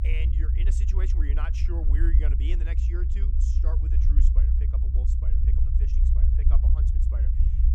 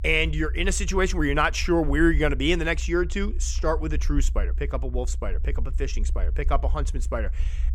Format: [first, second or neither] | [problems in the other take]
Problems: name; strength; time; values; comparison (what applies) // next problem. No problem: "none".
second | low rumble; loud; throughout; as loud as the speech; faint in the second